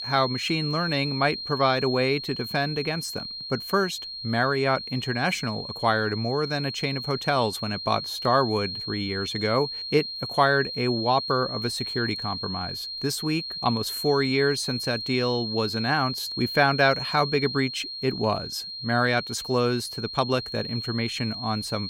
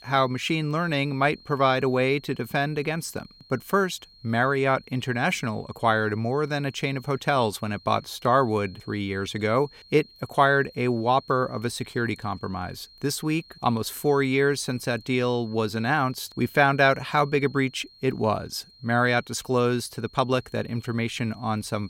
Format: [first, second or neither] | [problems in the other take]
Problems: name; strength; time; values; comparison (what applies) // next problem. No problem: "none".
second | high-pitched whine; loud; throughout; 4 kHz, 6 dB below the speech; faint in the second